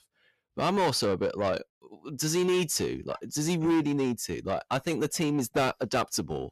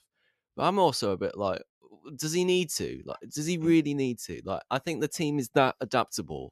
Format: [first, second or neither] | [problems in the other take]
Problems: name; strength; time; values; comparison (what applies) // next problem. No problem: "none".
second | distortion; heavy; 7 dB below the speech